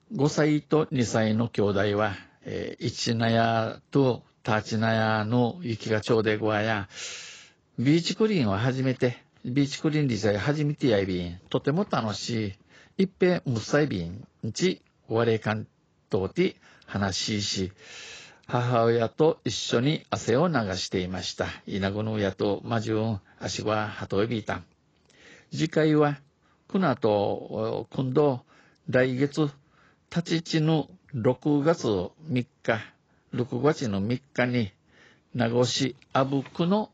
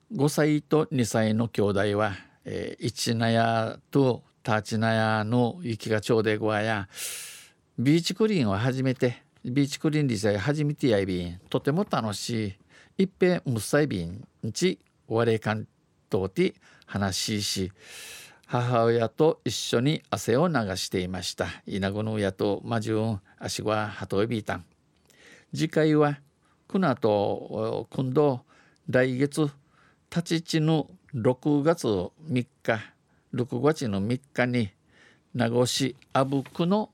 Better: second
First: garbled, watery; badly; nothing above 7.5 kHz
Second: none

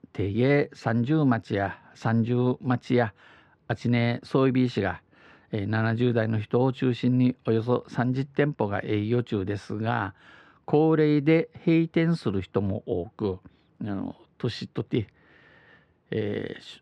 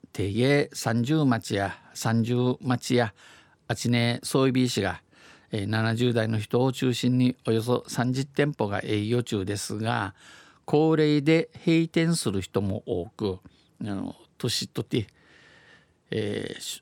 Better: second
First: muffled; slightly; fading above 2.5 kHz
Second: none

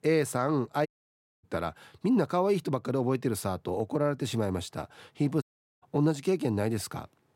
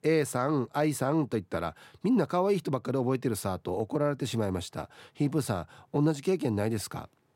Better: second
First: audio cutting out; at 1 s for 0.5 s and at 5.5 s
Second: none

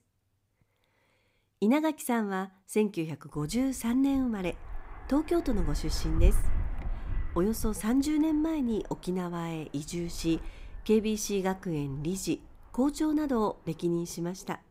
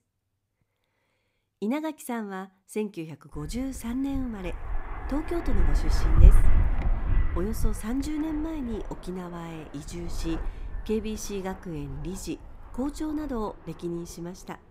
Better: first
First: wind noise on the microphone; occasional gusts; from 3.5 s on; 20 dB below the speech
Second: wind noise on the microphone; heavy; from 3.5 s on; 6 dB below the speech

